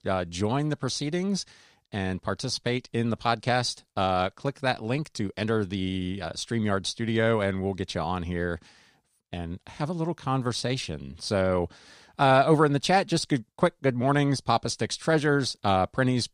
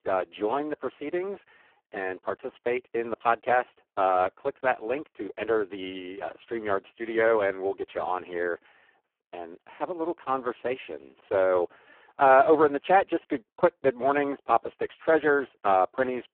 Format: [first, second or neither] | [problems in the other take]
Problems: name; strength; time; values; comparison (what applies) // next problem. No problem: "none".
first | phone-call audio; poor line